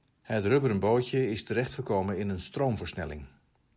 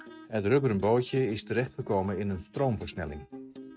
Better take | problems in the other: first | noise reduction (neural mask model RNNoise)

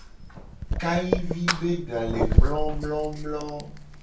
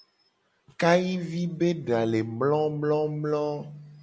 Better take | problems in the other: second | background sound (Fire); 4 dB above the speech // room echo; dies away in 0.3 s

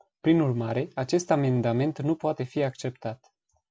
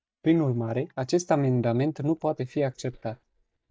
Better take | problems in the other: first | noise reduction (neural mask model DeepFilterNet 3)

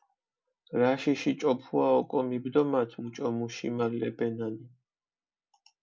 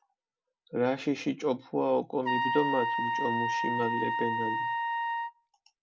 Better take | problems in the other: first | background sound (Trumpet); 2 dB above the speech

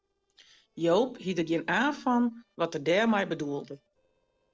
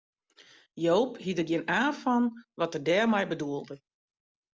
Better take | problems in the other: second | noise reduction (neural separator model SepFormer DNS4)

